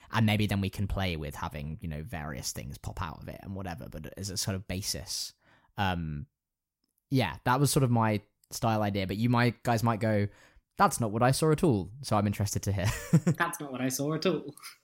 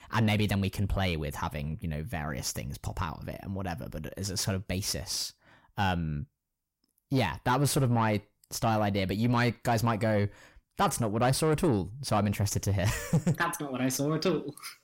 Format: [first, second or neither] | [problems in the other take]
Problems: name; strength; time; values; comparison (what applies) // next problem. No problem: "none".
first | distortion; slight; 10 dB below the speech